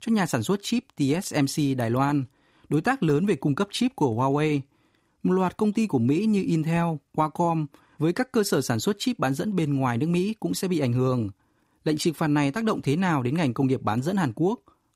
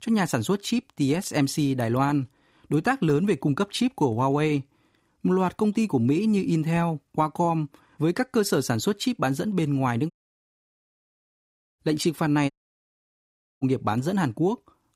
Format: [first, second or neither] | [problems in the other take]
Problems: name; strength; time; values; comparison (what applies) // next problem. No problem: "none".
first | audio cutting out; at 10 s for 1.5 s and at 13 s for 1 s